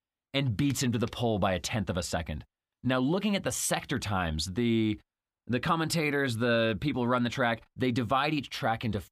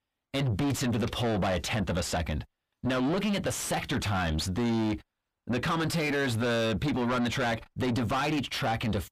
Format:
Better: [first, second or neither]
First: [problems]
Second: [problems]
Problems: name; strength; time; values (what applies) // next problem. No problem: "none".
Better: first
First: none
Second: distortion; heavy; 6 dB below the speech